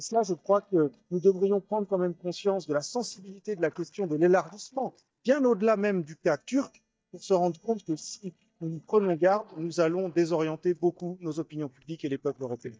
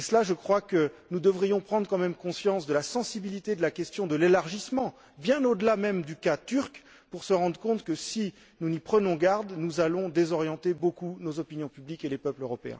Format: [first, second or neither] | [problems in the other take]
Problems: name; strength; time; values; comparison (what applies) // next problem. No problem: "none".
second | noise reduction (neural mask model DeepFilterNet 3)